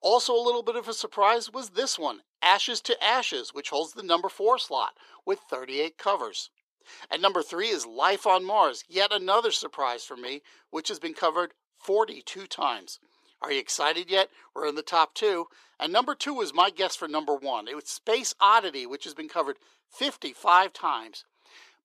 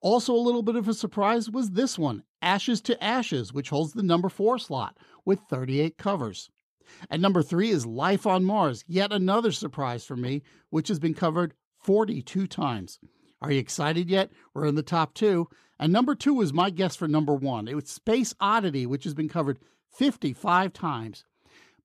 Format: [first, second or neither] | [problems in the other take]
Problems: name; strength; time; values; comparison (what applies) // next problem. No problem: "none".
second | thin; very; fading below 400 Hz